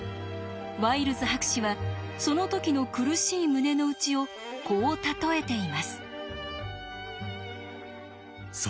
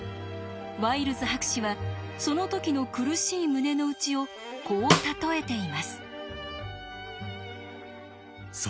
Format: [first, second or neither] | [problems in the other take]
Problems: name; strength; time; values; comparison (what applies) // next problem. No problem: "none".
first | background sound (Snare drum); 3 dB above the speech